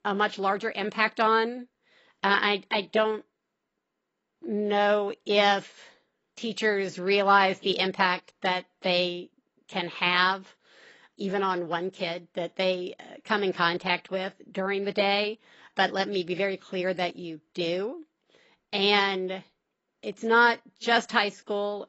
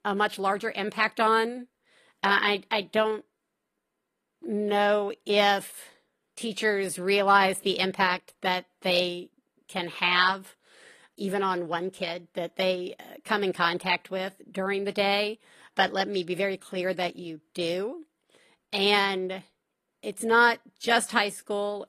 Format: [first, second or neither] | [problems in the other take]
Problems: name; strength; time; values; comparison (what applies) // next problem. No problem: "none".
second | garbled, watery; badly; nothing above 8 kHz; slightly in the second